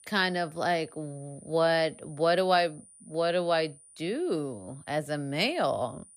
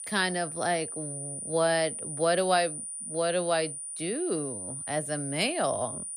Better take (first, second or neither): first